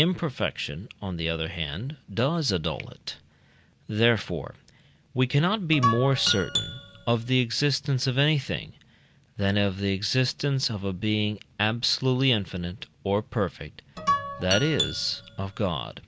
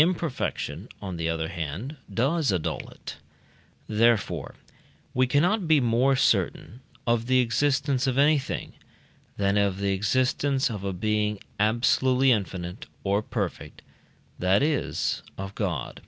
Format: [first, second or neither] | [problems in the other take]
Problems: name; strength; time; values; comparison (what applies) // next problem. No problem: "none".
second | background sound (Guitar); 4 dB below the speech